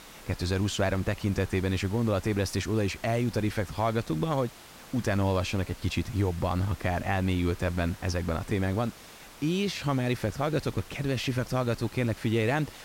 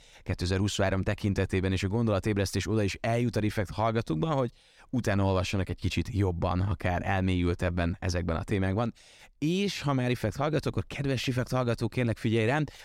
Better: second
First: hiss; noticeable; throughout; 20 dB below the speech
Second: none

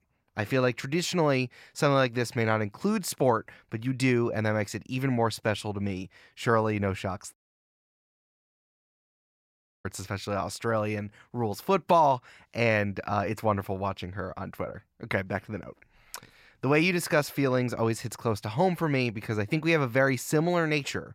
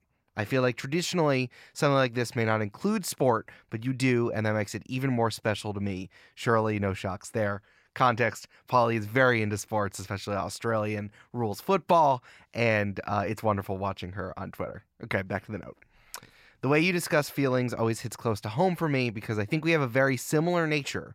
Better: second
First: audio cutting out; at 7.5 s for 2.5 s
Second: none

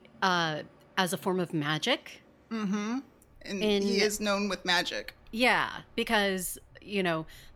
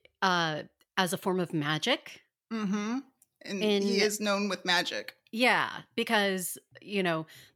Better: second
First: train or aircraft noise; faint; throughout; 30 dB below the speech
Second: none

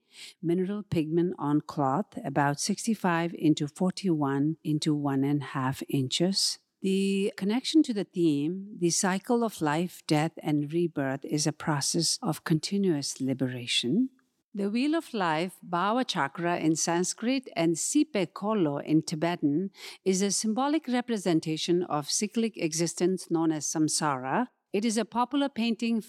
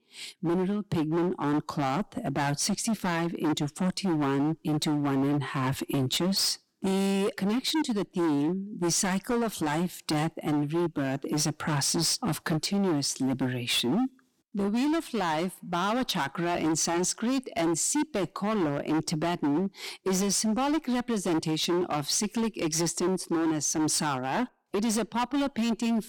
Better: first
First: none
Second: distortion; heavy; 23% of the sound clipped

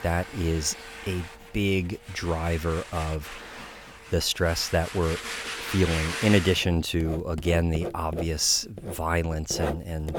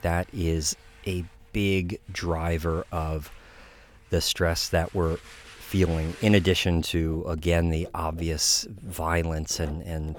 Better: second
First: household noises; loud; throughout; 9 dB below the speech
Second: household noises; faint; throughout; 25 dB below the speech

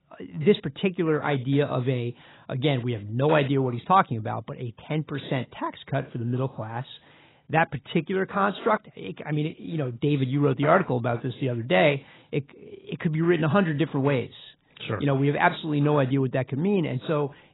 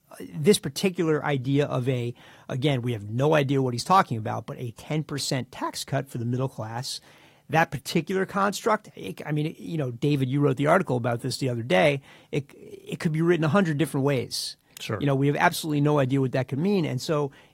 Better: second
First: garbled, watery; badly; nothing above 4 kHz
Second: garbled, watery; slightly; nothing above 15.5 kHz

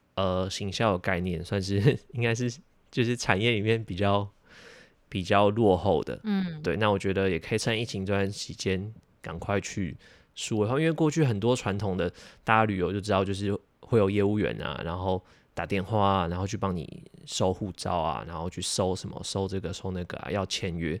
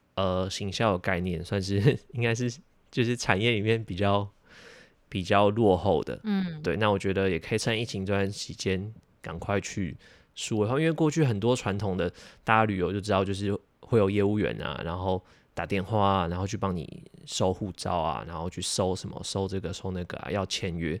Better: neither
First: none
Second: none

